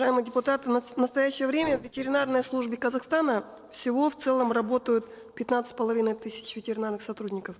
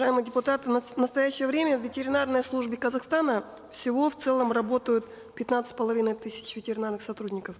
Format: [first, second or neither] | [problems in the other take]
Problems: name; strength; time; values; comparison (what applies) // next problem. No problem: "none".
second | noise reduction (neural separator model SepFormer DNS4)